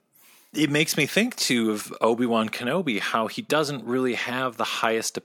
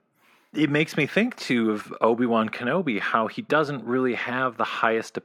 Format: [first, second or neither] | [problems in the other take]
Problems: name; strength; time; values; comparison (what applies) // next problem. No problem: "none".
first | muffled; slightly; fading above 4 kHz